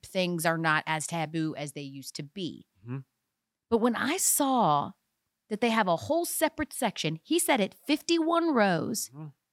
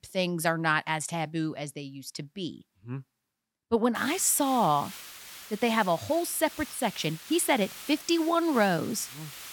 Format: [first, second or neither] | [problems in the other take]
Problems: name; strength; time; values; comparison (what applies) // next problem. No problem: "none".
first | hiss; noticeable; from 4 s on; 15 dB below the speech